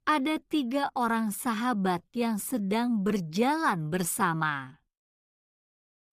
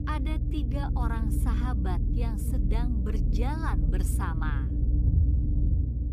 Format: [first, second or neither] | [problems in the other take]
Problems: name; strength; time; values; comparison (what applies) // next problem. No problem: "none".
first | low rumble; loud; throughout; 4 dB below the speech